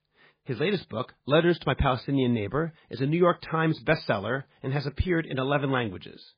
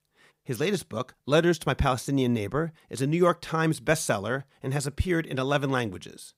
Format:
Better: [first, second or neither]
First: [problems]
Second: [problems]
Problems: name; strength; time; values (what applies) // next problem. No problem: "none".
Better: second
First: garbled, watery; badly; nothing above 4.5 kHz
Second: none